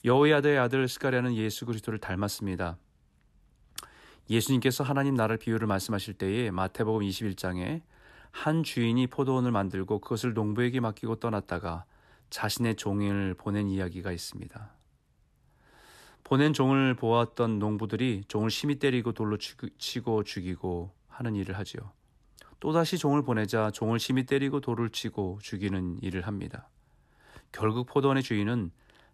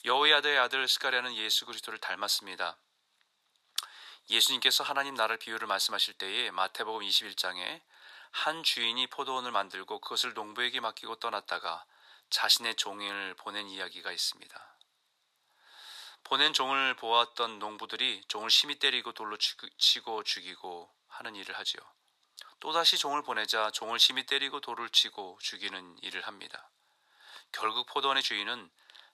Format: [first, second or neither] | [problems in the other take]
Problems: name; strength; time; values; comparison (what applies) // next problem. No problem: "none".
first | thin; very; fading below 950 Hz